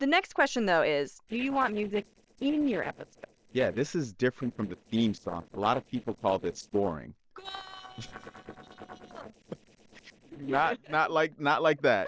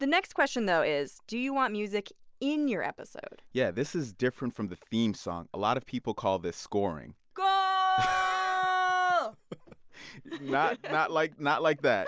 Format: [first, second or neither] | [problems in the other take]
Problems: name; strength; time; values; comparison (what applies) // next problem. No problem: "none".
second | noise reduction (neural separator model SepFormer DNS4)